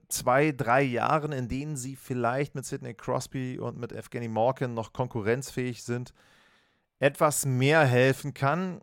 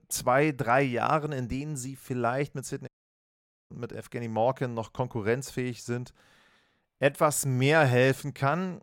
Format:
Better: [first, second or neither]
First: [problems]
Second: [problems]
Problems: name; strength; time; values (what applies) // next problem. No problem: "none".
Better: first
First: none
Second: audio cutting out; at 3 s for 1 s